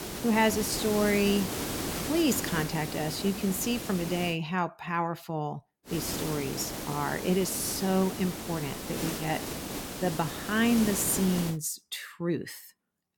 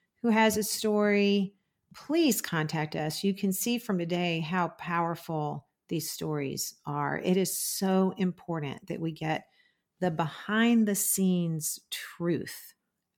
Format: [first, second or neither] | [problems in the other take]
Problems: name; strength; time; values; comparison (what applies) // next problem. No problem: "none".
second | hiss; loud; until 4.5 s and from 6 to 12 s; 5 dB below the speech